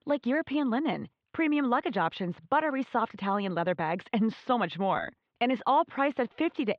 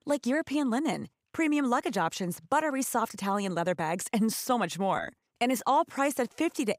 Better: second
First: muffled; very; fading above 3.5 kHz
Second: none

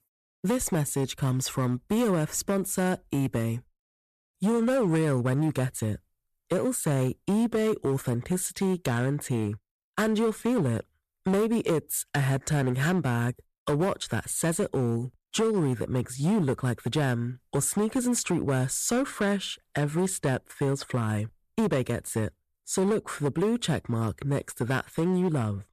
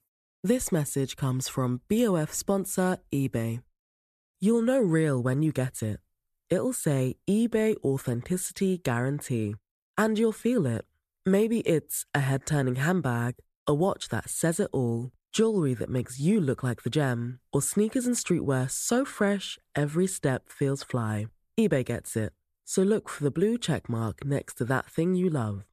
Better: second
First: distortion; slight; 10% of the sound clipped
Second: none

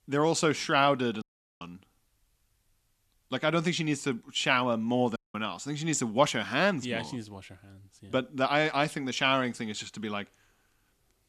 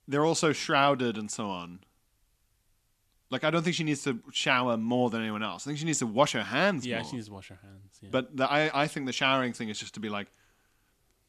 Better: second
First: audio cutting out; at 1 s and at 5 s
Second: none

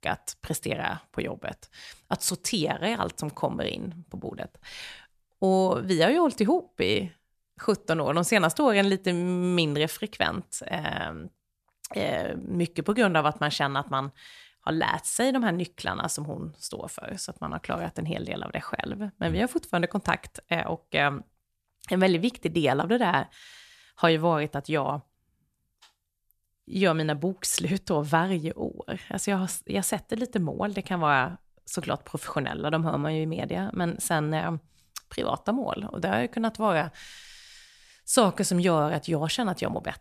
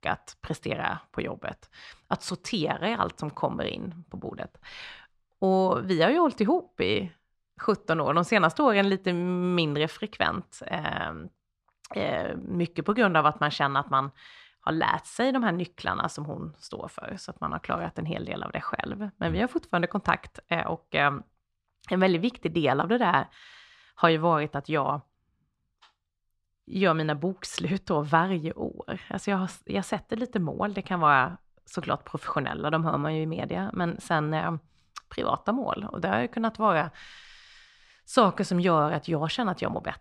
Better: first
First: none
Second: muffled; slightly; fading above 4 kHz

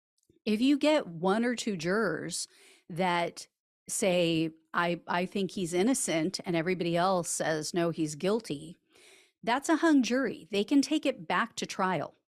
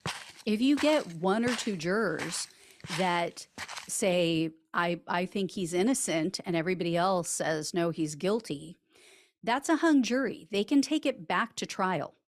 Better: first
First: none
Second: footsteps; noticeable; until 4 s; peak 8 dB below the speech

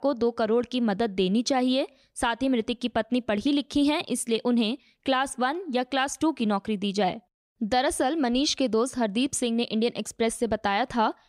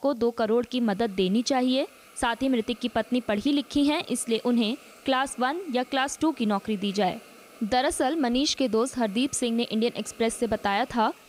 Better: first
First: none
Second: hiss; faint; throughout; 25 dB below the speech

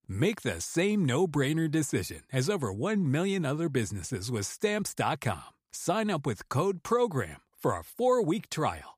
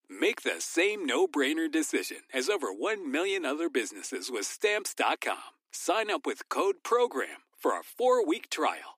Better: first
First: none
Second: thin; somewhat; fading below 250 Hz

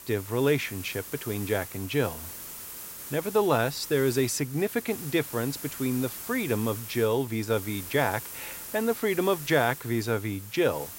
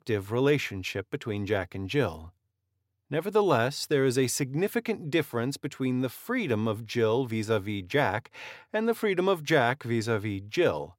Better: second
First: hiss; noticeable; throughout; 10 dB below the speech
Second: none

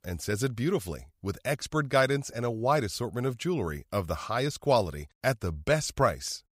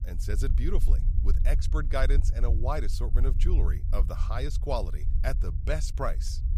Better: first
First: none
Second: low rumble; noticeable; throughout; 15 dB below the speech

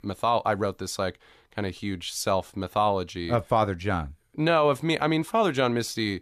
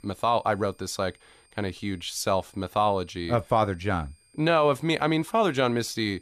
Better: first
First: none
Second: high-pitched whine; faint; throughout; 8.5 kHz, 35 dB below the speech

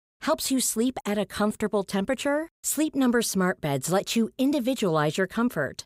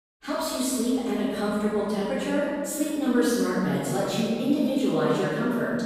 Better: first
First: none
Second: off-mic speech; far // room echo; strong; dies away in 1.9 s

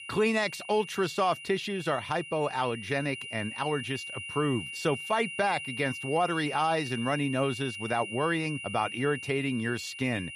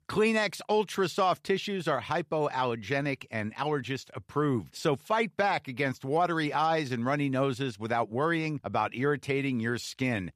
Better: second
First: high-pitched whine; loud; throughout; 3 kHz, 8 dB below the speech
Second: none

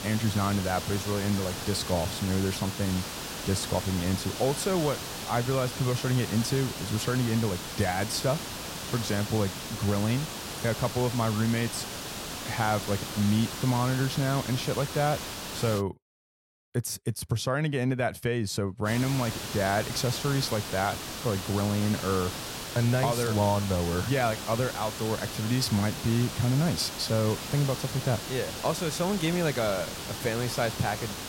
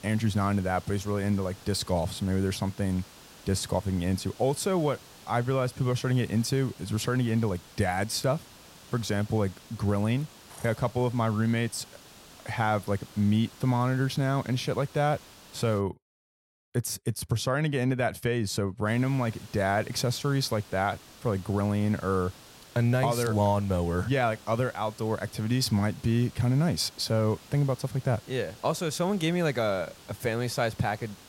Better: second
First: hiss; loud; until 16 s and from 19 s on; 6 dB below the speech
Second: hiss; faint; until 16 s and from 19 s on; 20 dB below the speech

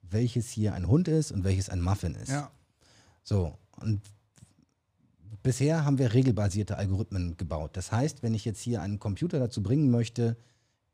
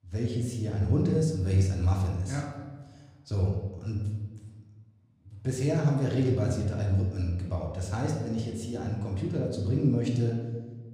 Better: first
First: none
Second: room echo; noticeable; dies away in 1.1 s // off-mic speech; somewhat distant

